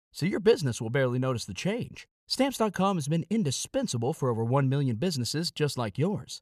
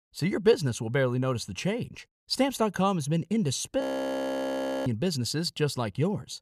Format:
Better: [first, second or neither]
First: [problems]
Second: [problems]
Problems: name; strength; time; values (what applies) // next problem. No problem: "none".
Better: first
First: none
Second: audio freezing; at 4 s for 1 s